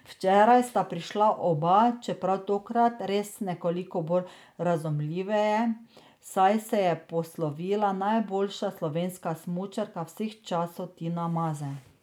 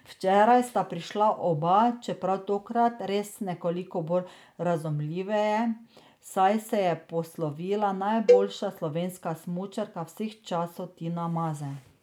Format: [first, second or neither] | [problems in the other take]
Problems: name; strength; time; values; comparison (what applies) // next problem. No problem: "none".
first | background sound (Cowbell); 1 dB above the speech